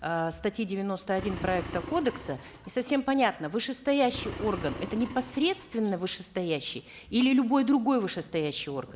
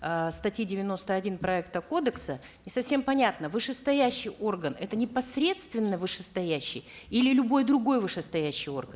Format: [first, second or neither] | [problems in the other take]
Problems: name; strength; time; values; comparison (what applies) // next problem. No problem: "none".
second | background sound (Engine); 12 dB below the speech